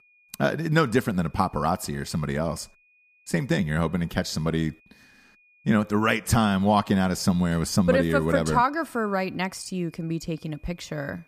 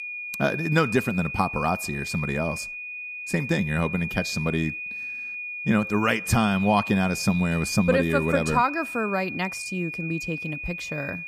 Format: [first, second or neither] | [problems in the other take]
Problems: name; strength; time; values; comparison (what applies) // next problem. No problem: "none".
first | high-pitched whine; loud; throughout; 2.5 kHz, 6 dB below the speech; faint in the first